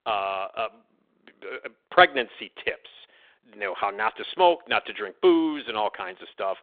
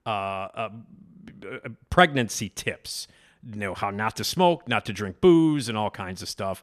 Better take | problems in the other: second | phone-call audio; nothing above 3.5 kHz

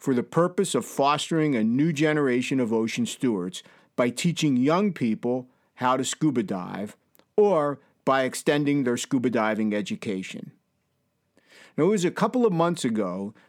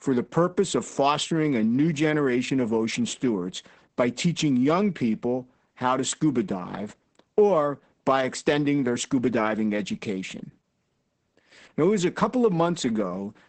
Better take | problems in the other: first | garbled, watery; badly; nothing above 8 kHz

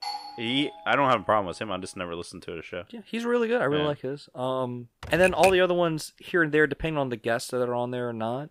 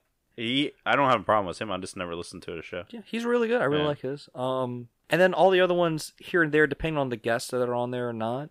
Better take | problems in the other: second | doorbell; noticeable; until 1 s; peak 9 dB below the speech // keyboard typing; noticeable; at 5 s; peak 2 dB below the speech

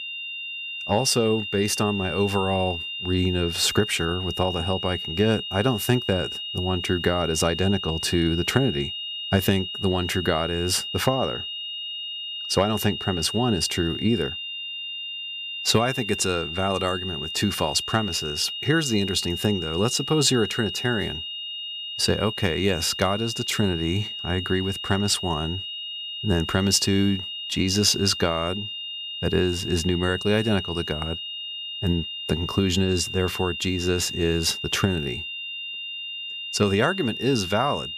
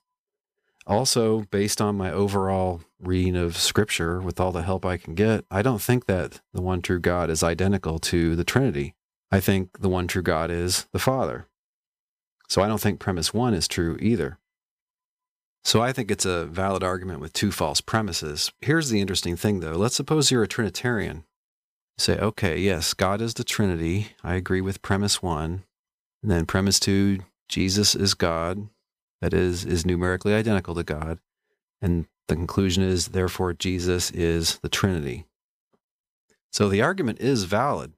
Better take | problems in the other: second | high-pitched whine; loud; throughout; 3 kHz, 6 dB below the speech

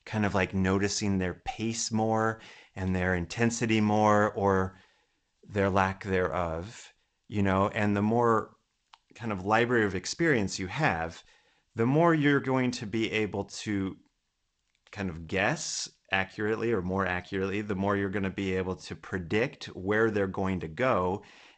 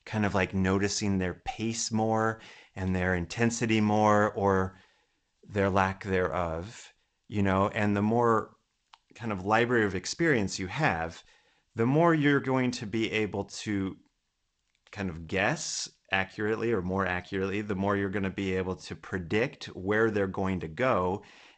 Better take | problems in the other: neither | garbled, watery; slightly; nothing above 8 kHz; the same in both

